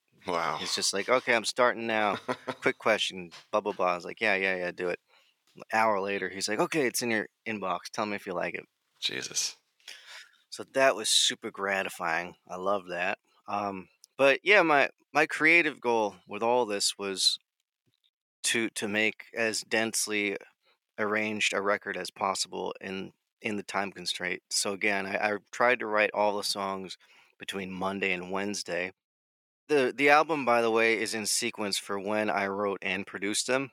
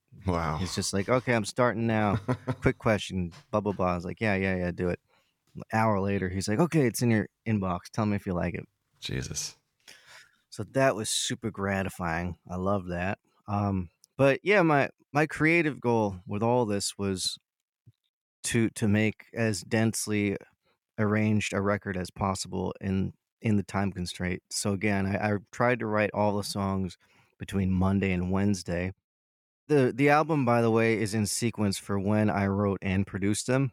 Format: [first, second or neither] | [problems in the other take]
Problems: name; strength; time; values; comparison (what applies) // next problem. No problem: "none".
second | thin; somewhat; fading below 400 Hz